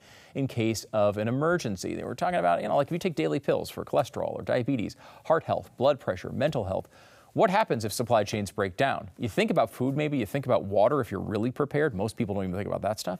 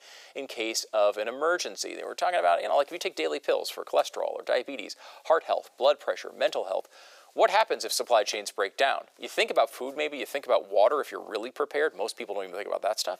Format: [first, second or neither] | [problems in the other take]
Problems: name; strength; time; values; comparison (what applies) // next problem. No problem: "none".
first | thin; very; fading below 400 Hz